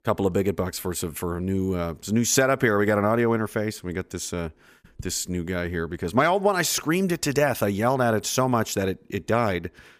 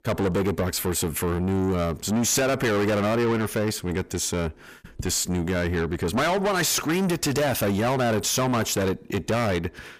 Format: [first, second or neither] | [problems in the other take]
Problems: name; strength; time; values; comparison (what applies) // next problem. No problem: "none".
first | distortion; heavy; 6 dB below the speech